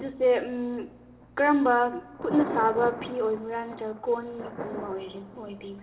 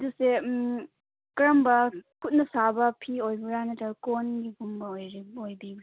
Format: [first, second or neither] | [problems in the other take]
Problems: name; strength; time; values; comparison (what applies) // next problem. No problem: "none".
second | background sound (Thunder); 12 dB below the speech // room echo; dies away in 2 s